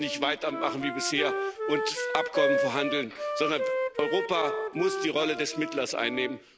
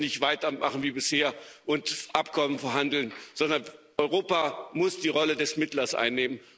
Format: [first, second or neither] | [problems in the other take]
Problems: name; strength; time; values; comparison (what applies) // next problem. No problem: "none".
second | background sound (Wind instrument, woodwind instrument); 2 dB below the speech